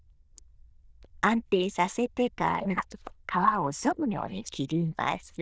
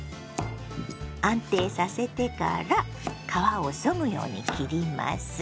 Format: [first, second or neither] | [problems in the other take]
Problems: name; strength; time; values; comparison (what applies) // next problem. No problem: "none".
second | noise reduction (neural diffusion model UNIVERSE++)